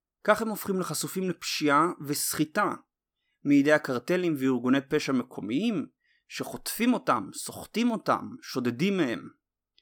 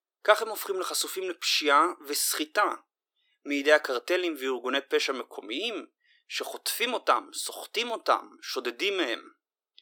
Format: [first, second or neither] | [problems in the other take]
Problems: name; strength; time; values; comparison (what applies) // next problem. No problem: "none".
first | thin; very; fading below 350 Hz